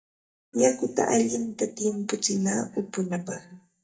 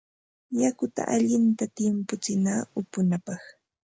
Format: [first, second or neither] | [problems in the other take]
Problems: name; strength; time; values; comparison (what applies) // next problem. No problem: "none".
second | noise reduction (neural mask model DeepFilterNet 3)